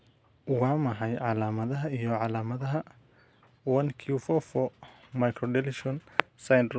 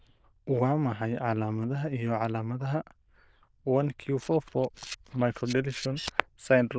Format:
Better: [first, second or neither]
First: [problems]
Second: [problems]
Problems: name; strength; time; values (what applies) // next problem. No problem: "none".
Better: first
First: none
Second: noise reduction (neural diffusion model UNIVERSE++)